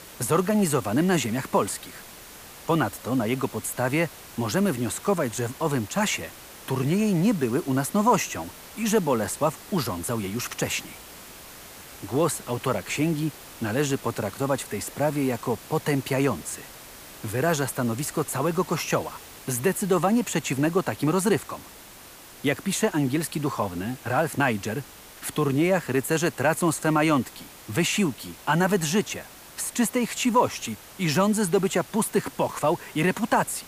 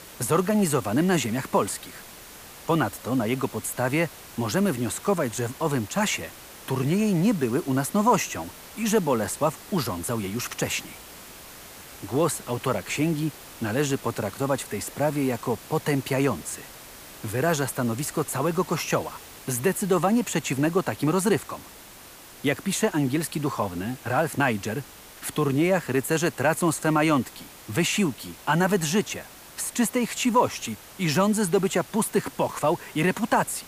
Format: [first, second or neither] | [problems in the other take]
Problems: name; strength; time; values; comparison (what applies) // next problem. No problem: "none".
neither | hiss; noticeable; throughout; 15 dB below the speech; the same in both